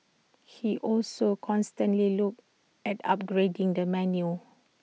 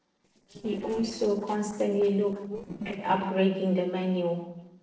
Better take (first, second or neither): first